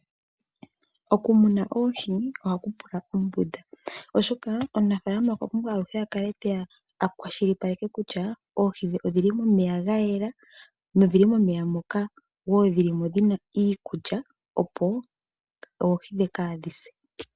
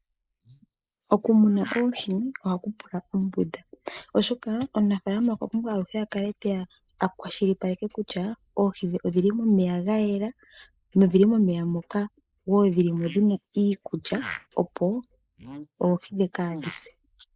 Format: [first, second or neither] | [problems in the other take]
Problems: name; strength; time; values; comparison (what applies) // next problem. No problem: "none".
first | noise reduction (neural mask model Resemble Enhance denoiser)